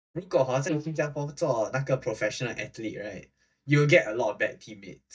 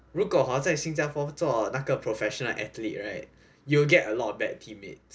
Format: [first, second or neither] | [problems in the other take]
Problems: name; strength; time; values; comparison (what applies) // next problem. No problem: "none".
second | noise reduction (neural mask model DeepFilterNet 3)